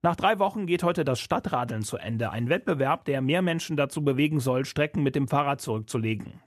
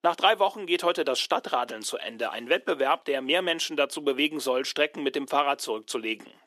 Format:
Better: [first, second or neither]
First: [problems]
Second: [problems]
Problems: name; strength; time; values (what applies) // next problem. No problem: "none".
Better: first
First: none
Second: thin; somewhat; fading below 350 Hz